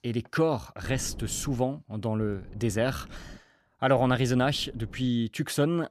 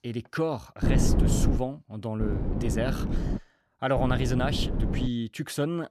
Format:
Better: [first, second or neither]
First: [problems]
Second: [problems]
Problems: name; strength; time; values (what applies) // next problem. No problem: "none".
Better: first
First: wind noise on the microphone; occasional gusts; at 1 s, from 2 to 3.5 s and from 4 to 5 s; 25 dB below the speech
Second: wind noise on the microphone; heavy; at 1 s, from 2 to 3.5 s and from 4 to 5 s; 5 dB below the speech